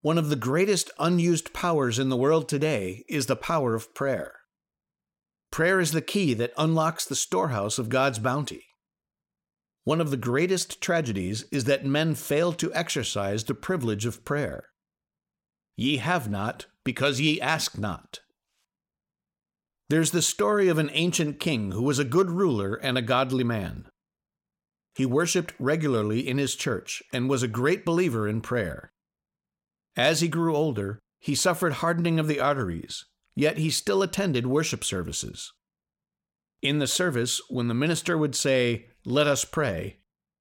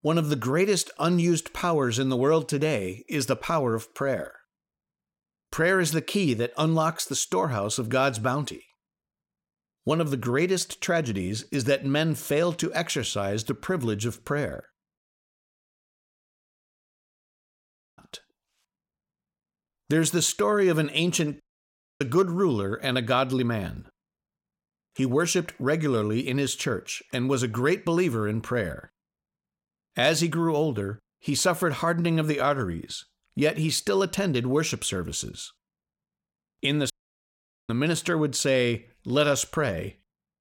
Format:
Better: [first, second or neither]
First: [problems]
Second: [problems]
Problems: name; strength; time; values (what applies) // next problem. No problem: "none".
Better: first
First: none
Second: audio cutting out; at 15 s for 3 s, at 21 s for 0.5 s and at 37 s for 1 s